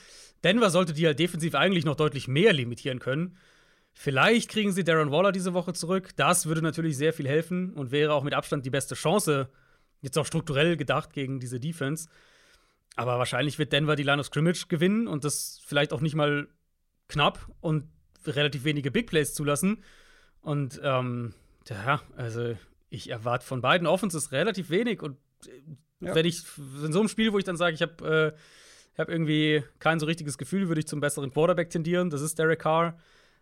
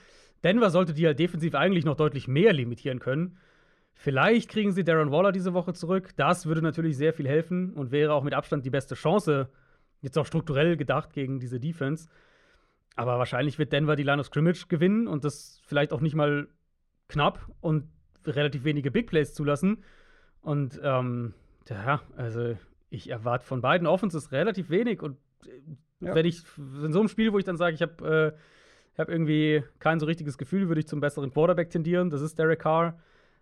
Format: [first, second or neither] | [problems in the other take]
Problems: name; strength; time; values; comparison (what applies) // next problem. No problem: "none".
first | muffled; slightly; fading above 1.5 kHz